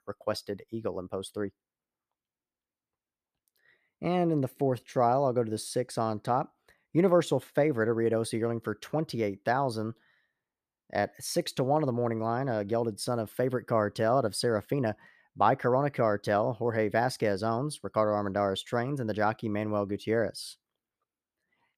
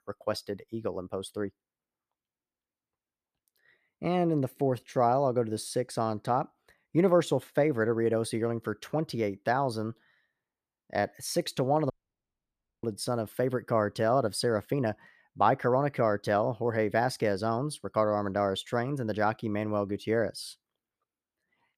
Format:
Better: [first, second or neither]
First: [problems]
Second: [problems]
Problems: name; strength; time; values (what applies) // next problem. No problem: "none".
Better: first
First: none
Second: audio cutting out; at 12 s for 1 s